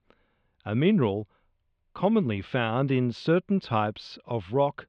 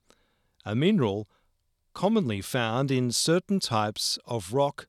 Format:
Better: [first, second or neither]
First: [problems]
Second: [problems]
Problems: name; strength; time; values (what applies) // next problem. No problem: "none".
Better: second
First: muffled; very; fading above 3 kHz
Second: none